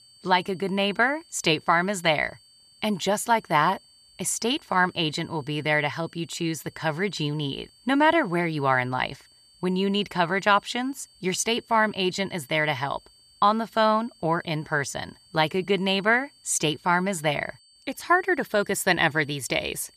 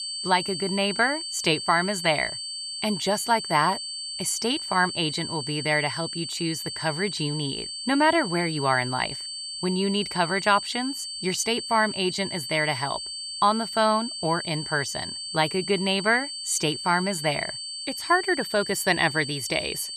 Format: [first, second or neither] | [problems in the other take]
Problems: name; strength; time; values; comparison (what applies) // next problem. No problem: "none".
first | high-pitched whine; loud; throughout; 4.5 kHz, 6 dB below the speech; faint in the first